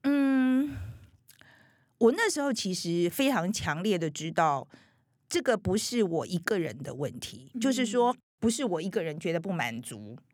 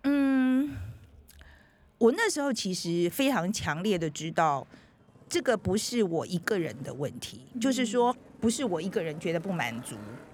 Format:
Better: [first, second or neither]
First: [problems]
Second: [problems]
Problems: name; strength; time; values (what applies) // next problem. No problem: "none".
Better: first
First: none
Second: traffic noise; faint; throughout; 25 dB below the speech